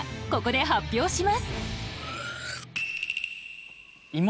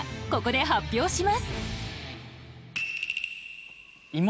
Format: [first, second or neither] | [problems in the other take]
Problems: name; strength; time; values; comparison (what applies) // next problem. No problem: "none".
second | background sound (Cutlery, silverware); 12 dB below the speech